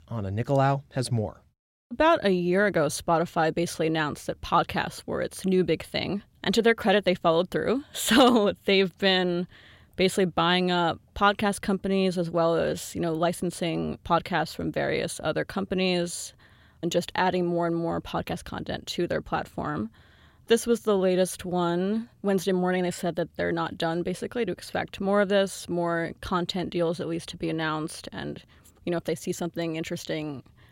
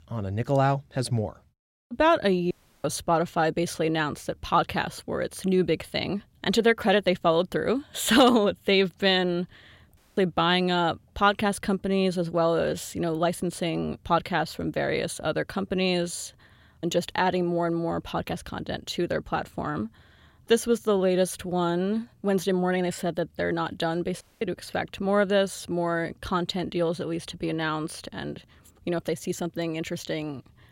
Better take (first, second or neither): first